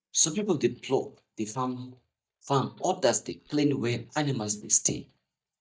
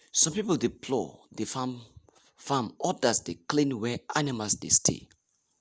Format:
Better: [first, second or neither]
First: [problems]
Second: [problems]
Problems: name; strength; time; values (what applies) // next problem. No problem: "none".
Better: second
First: noise reduction (neural mask model DeepFilterNet 3)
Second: none